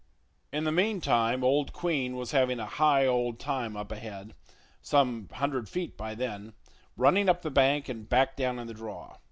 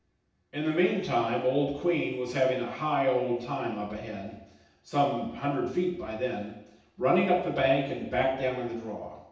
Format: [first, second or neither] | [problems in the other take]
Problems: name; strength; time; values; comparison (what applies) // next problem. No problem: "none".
first | room echo; dies away in 0.9 s